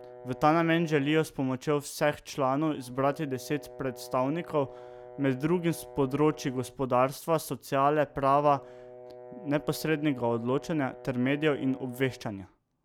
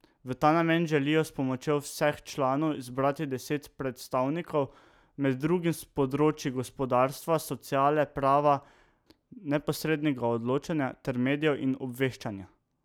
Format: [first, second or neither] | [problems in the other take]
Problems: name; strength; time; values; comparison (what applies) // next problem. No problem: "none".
second | background sound (Brass instrument); 19 dB below the speech